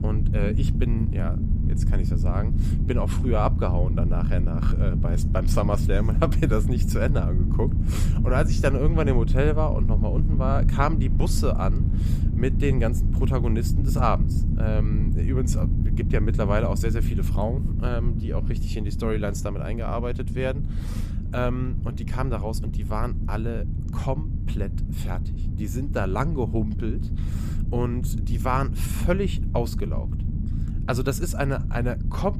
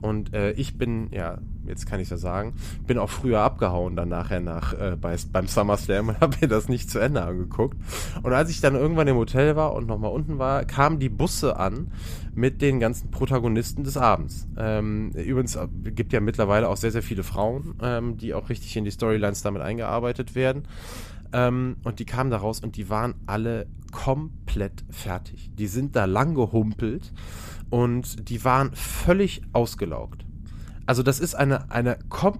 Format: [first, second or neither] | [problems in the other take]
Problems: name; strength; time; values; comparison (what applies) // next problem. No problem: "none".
second | low rumble; loud; throughout; 8 dB below the speech; faint in the second